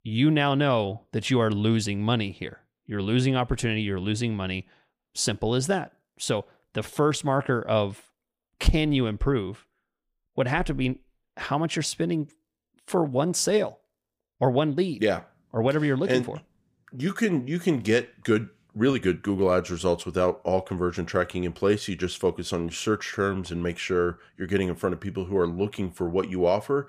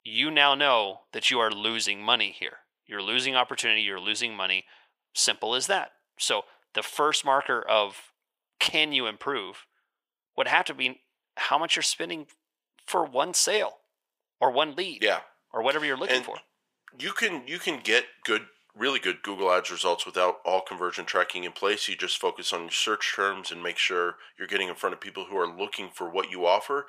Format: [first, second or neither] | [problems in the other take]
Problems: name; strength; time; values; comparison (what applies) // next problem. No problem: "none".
first | thin; very; fading below 650 Hz